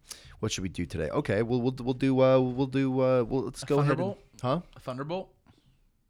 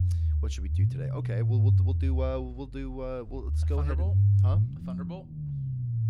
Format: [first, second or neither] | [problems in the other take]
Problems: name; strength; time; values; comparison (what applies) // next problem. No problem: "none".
first | low rumble; loud; throughout; 2 dB below the speech